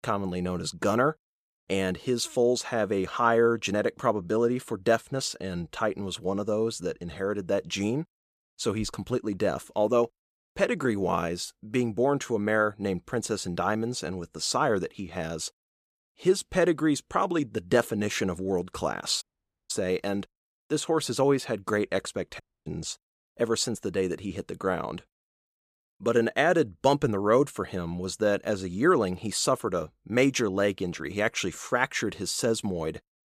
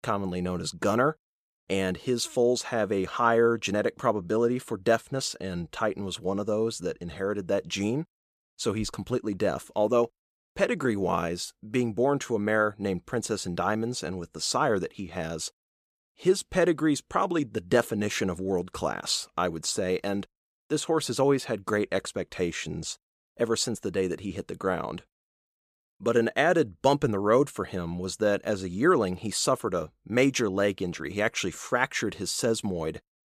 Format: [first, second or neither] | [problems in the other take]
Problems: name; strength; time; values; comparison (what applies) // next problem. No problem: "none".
second | audio cutting out; at 19 s and at 22 s